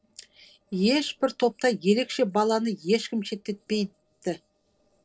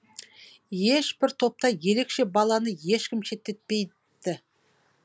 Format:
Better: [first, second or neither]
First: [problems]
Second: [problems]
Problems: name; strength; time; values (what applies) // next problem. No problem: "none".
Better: second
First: noise reduction (neural separator model SepFormer DNS4)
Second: none